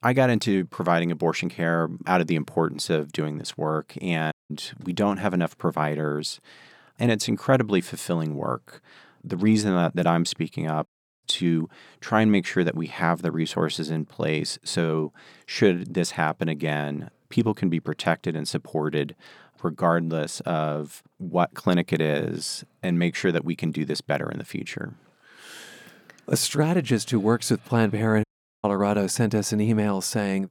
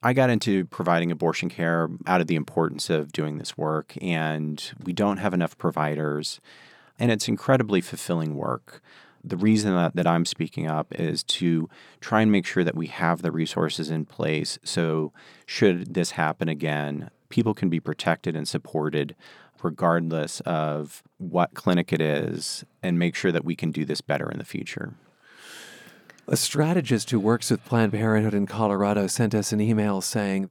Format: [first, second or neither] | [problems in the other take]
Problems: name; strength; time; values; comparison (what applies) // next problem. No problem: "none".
second | audio cutting out; at 4.5 s, at 11 s and at 28 s